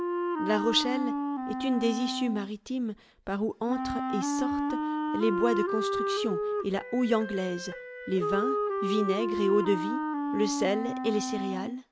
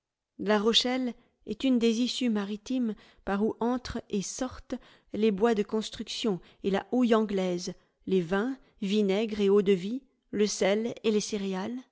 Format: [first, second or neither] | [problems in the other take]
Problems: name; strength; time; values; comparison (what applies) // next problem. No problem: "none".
second | background sound (Wind instrument, woodwind instrument); 1 dB below the speech